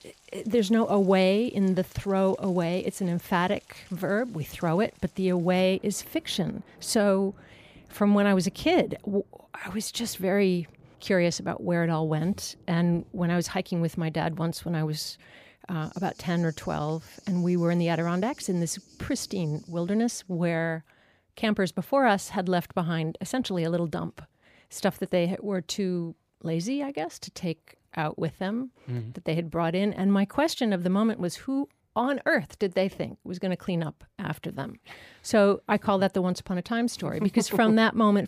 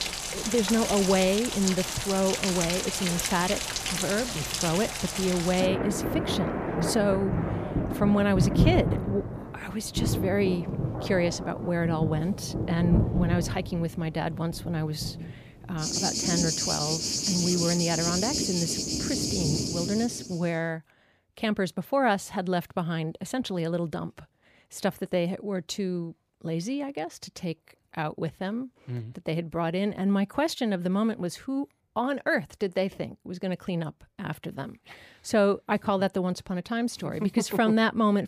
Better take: first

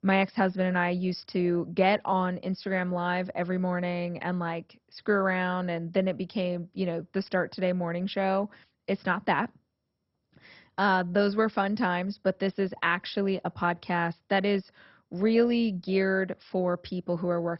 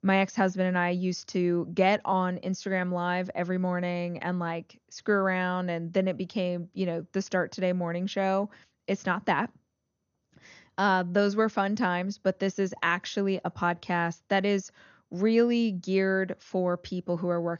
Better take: second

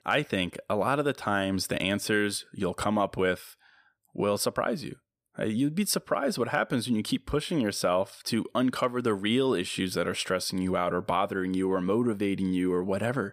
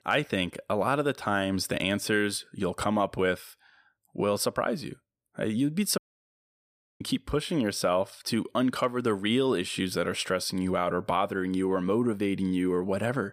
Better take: first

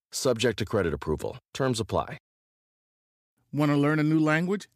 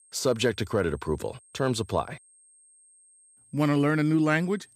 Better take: first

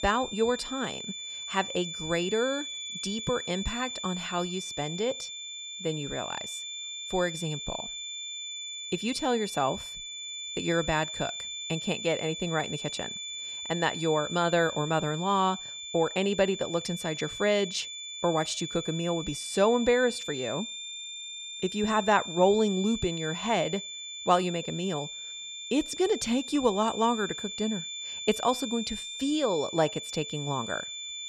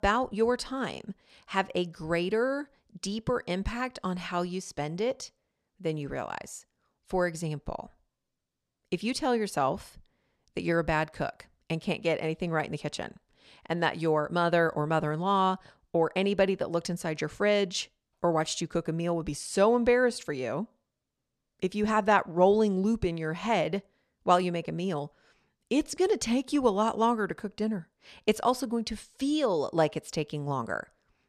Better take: second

